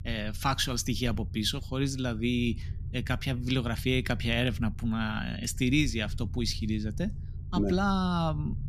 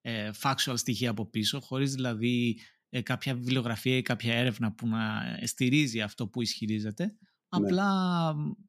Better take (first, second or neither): second